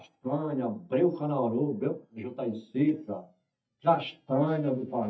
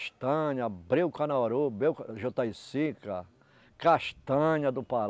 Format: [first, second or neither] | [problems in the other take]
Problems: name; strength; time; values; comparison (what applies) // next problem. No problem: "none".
second | noise reduction (neural mask model DeepFilterNet 3)